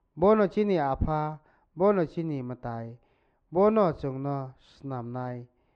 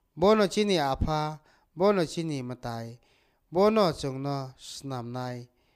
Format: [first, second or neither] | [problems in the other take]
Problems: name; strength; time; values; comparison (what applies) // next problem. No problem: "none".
second | muffled; very; fading above 1.5 kHz